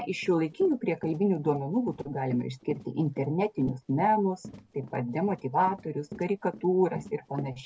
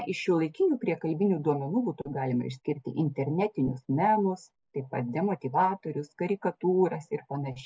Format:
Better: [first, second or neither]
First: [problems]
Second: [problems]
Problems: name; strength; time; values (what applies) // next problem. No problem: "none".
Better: second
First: background sound (Run); 18 dB below the speech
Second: none